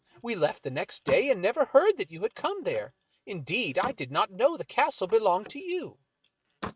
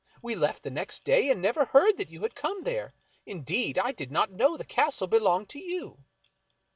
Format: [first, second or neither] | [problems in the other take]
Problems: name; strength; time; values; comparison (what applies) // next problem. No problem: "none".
second | noise reduction (neural mask model RNNoise)